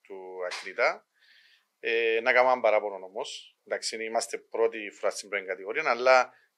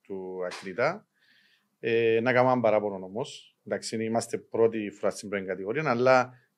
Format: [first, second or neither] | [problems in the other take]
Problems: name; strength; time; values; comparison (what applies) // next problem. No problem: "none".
second | thin; very; fading below 600 Hz